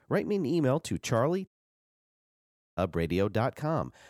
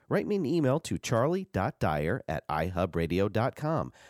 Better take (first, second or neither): second